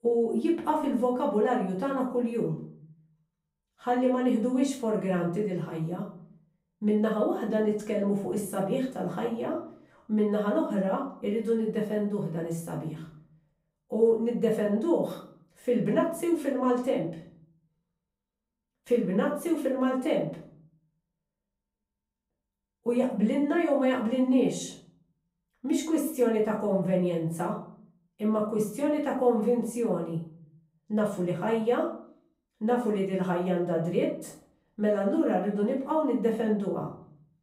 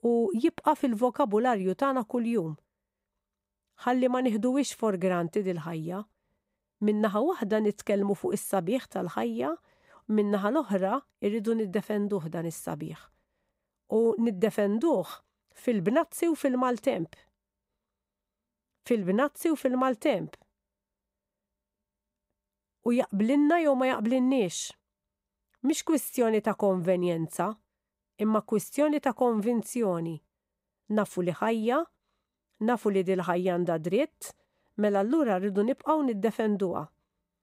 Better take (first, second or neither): second